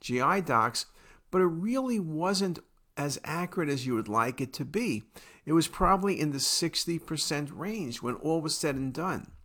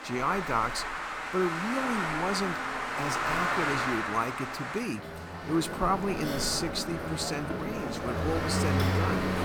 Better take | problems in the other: first | traffic noise; very loud; throughout; 1 dB above the speech

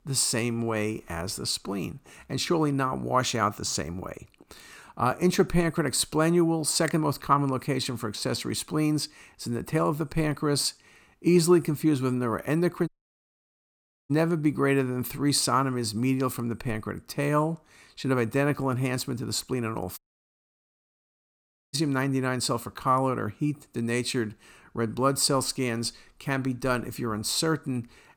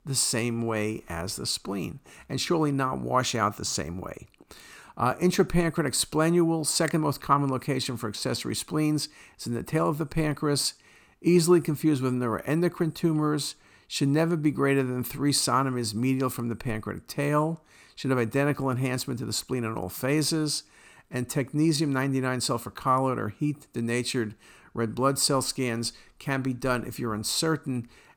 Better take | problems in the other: second | audio cutting out; at 13 s for 1 s and at 20 s for 2 s

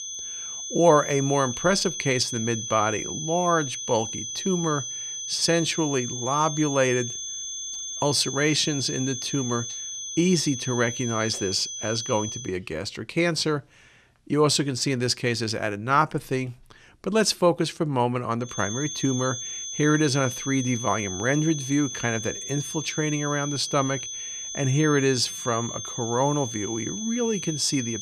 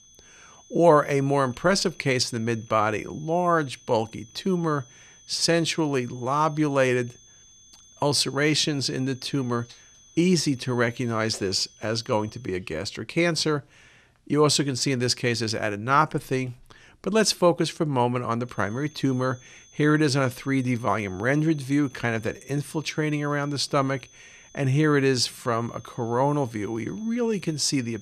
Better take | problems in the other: second | high-pitched whine; loud; until 12 s and from 19 s on; 6.5 kHz, 6 dB below the speech; faint in the second

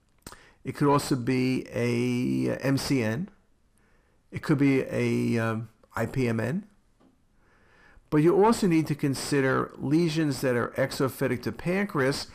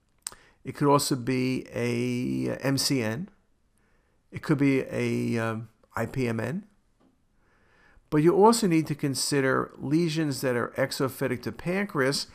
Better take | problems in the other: second | distortion; slight; 10 dB below the speech

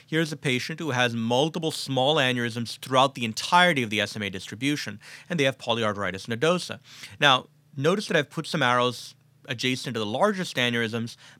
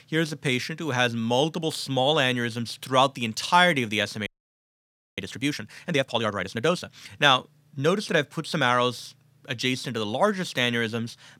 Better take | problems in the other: first | audio freezing; at 4.5 s for 1 s

